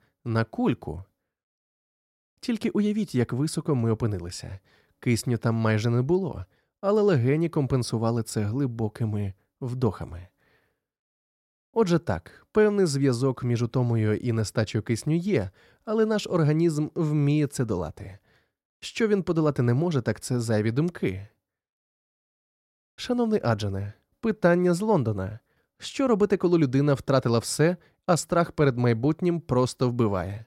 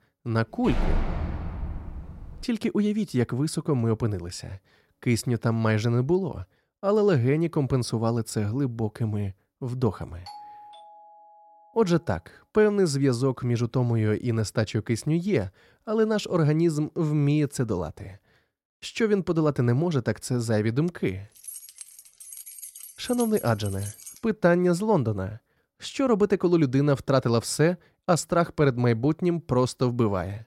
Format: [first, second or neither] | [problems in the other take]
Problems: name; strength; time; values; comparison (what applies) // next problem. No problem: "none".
first | door banging; noticeable; from 0.5 to 2.5 s; peak 4 dB below the speech // doorbell; faint; from 10 to 12 s; peak 20 dB below the speech // jangling keys; faint; from 21 to 24 s; peak 10 dB below the speech